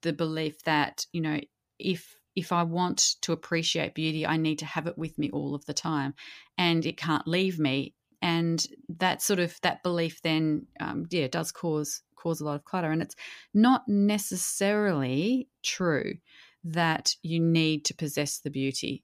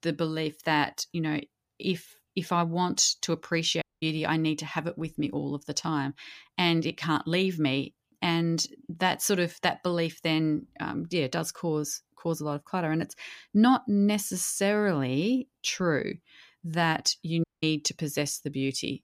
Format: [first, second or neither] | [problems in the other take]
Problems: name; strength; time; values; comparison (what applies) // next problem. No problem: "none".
first | audio cutting out; at 4 s and at 17 s